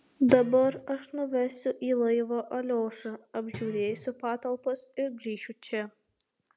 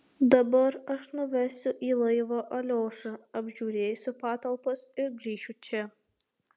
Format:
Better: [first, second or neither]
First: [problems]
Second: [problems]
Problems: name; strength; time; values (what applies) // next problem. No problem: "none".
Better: second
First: background sound (Guitar); 18 dB below the speech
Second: none